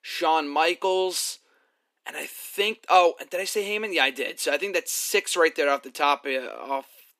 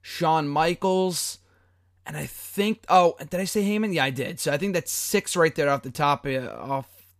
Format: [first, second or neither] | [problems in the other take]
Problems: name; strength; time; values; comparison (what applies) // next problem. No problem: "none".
second | thin; somewhat; fading below 300 Hz